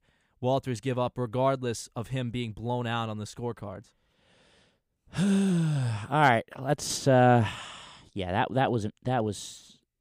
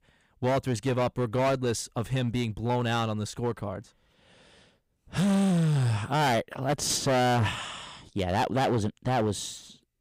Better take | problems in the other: first | distortion; heavy; 14% of the sound clipped

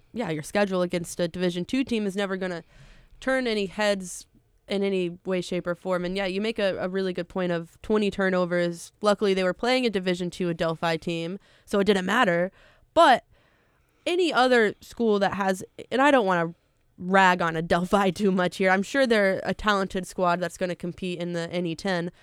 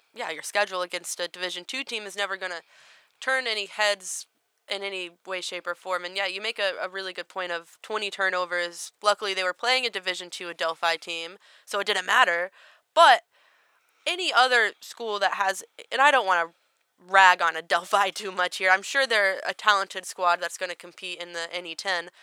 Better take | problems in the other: first | thin; very; fading below 900 Hz

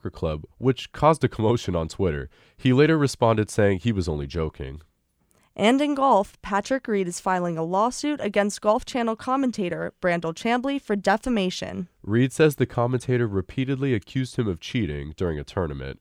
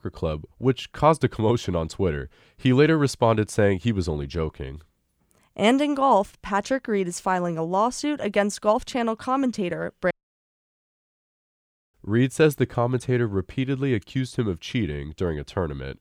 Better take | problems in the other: first | audio cutting out; at 10 s for 2 s

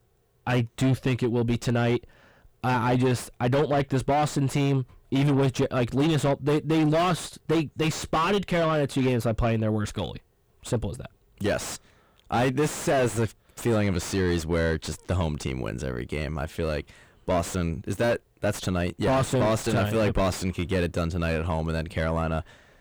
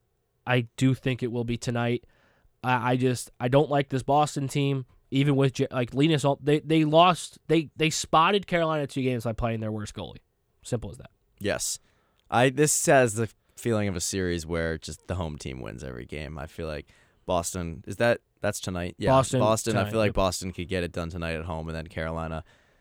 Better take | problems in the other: second | distortion; heavy; 5 dB below the speech

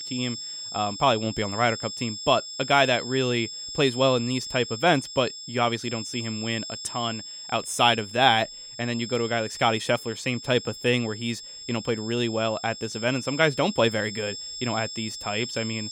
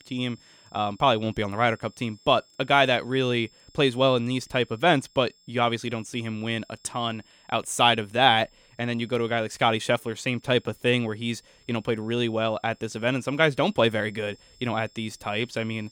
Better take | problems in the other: second | high-pitched whine; loud; throughout; 5 kHz, 9 dB below the speech; faint in the second

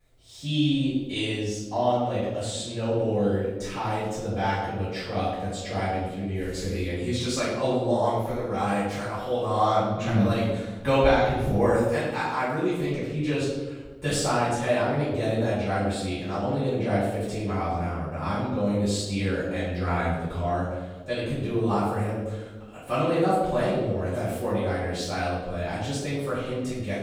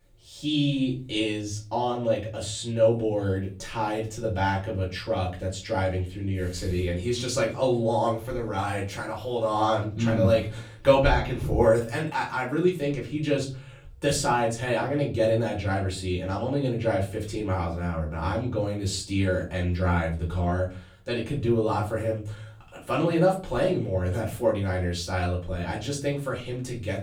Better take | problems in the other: second | room echo; strong; dies away in 1.1 s; slight in the second // off-mic speech; far; far in the second

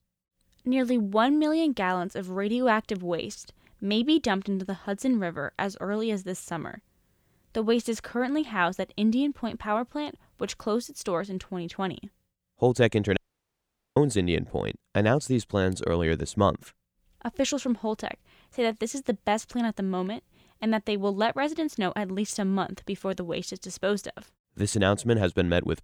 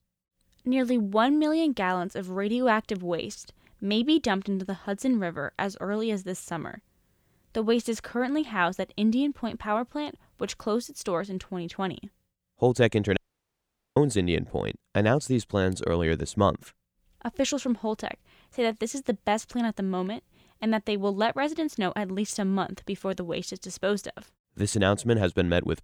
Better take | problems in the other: neither | audio cutting out; at 13 s for 1 s; the same in both

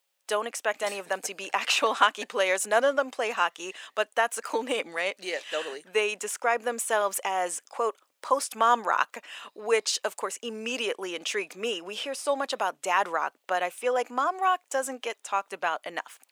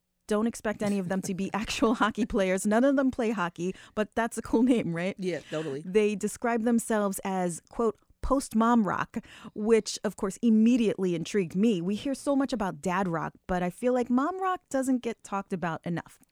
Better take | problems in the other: second | thin; very; fading below 600 Hz

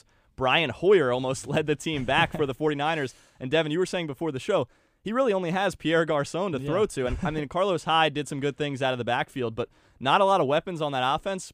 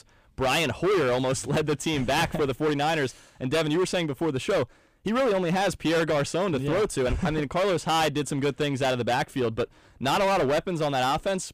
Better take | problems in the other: first | distortion; heavy; 19% of the sound clipped

